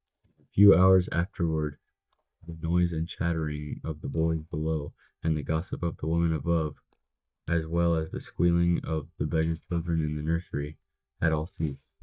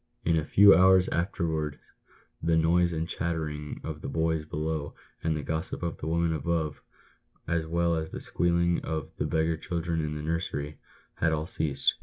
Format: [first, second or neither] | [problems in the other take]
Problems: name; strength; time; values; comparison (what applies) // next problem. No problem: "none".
second | noise reduction (neural mask model DeepFilterNet 3)